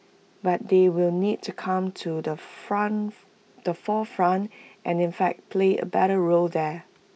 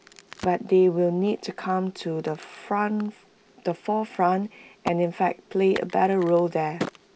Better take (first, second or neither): first